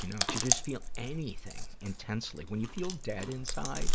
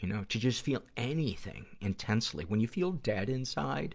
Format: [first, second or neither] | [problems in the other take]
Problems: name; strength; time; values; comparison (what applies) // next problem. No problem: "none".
second | background sound (Chewing, mastication); 5 dB above the speech